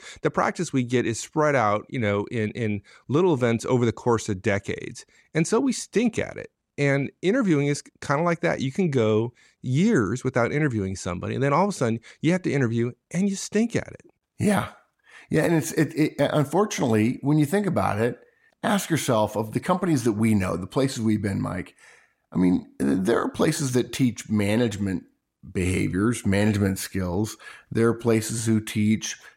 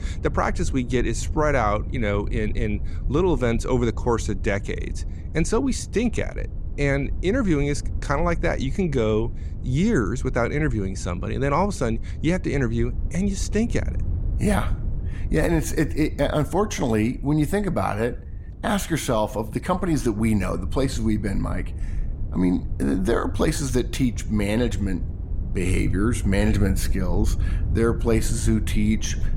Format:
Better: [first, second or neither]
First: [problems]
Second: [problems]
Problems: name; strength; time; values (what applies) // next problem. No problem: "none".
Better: first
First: none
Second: low rumble; noticeable; throughout; 20 dB below the speech